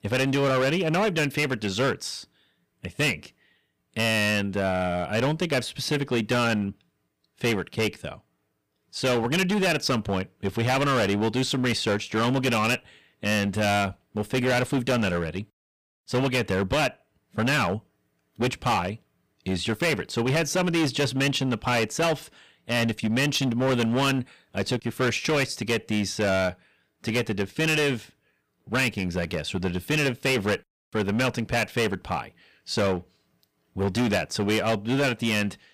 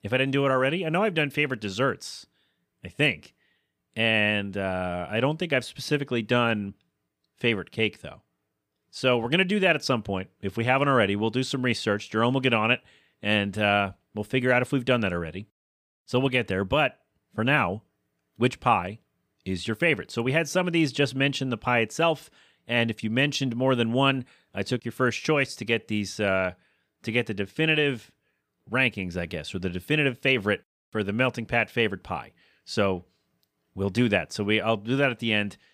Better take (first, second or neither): second